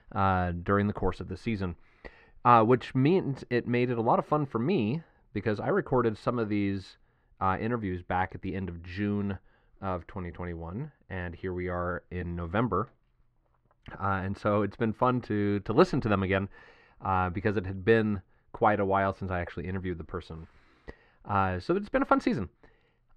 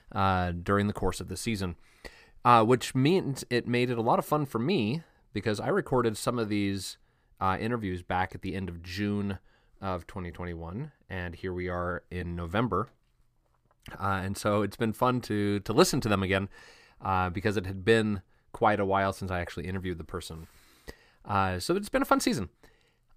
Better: second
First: muffled; slightly; fading above 2.5 kHz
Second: none

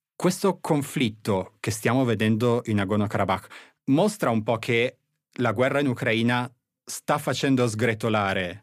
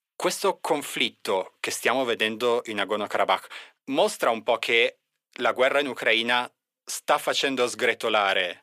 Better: first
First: none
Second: thin; somewhat; fading below 500 Hz

